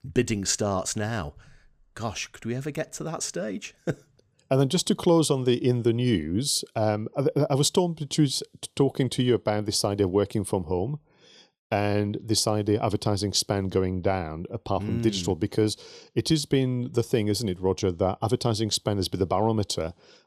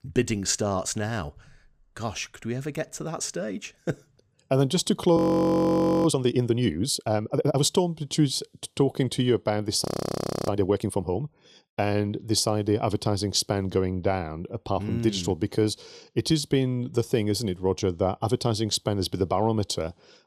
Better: first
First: none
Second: audio freezing; at 5 s for 1 s and at 10 s for 0.5 s

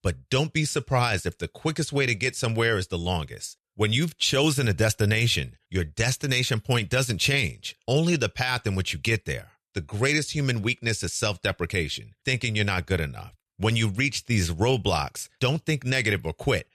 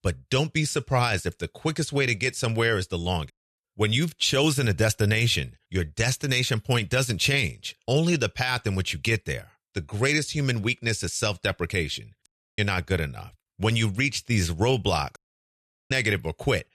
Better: first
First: none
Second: audio cutting out; at 3.5 s, at 12 s and at 15 s for 0.5 s

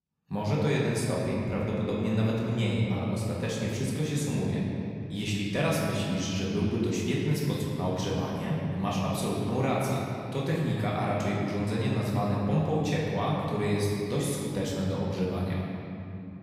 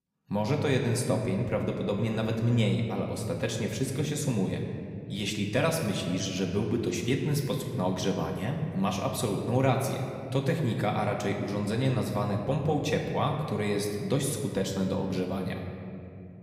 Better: second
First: room echo; strong; dies away in 2.9 s // off-mic speech; far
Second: room echo; slight; dies away in 2.1 s // off-mic speech; somewhat distant

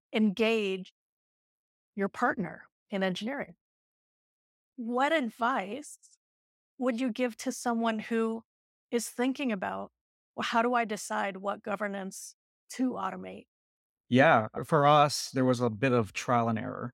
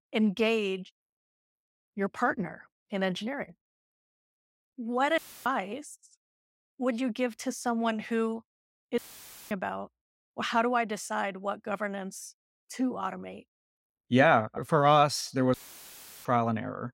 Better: first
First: none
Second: audio cutting out; filled with static; at 5 s, at 9 s for 0.5 s and at 16 s for 0.5 s

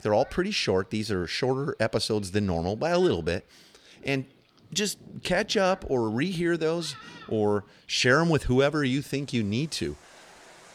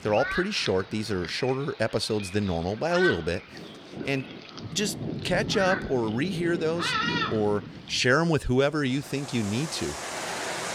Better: first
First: rain or running water; faint; throughout; 25 dB below the speech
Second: rain or running water; loud; throughout; 6 dB below the speech

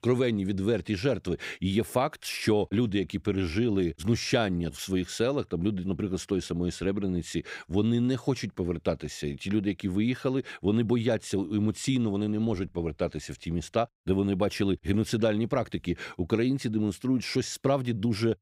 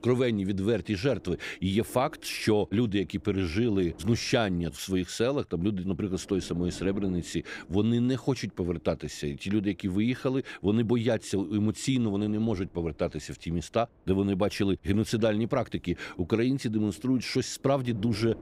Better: first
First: none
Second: wind noise on the microphone; occasional gusts; 25 dB below the speech

